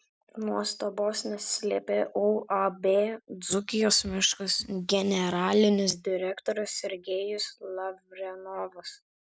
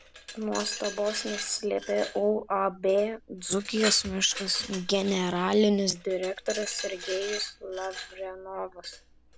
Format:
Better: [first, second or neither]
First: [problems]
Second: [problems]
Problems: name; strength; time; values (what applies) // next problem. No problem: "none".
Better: first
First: none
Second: background sound (Glass); 12 dB below the speech